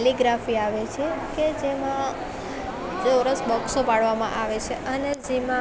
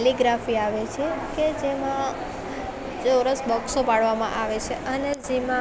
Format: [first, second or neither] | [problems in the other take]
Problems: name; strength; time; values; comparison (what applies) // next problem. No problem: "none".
second | background sound (Gasp); 12 dB below the speech